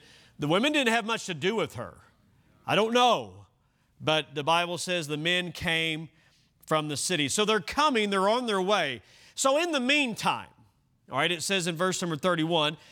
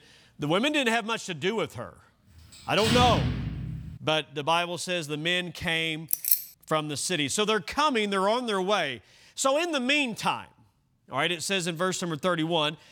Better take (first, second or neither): first